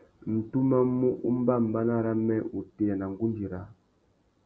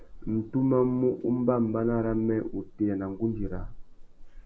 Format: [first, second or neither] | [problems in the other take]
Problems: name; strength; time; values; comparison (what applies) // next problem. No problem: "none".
first | background sound (Meow / Purr); 14 dB below the speech